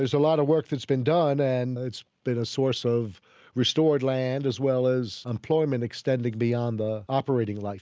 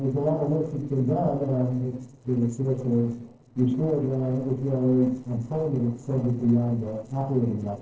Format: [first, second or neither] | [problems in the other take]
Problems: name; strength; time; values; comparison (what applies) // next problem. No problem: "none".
first | noise reduction (neural separator model SepFormer DNS4)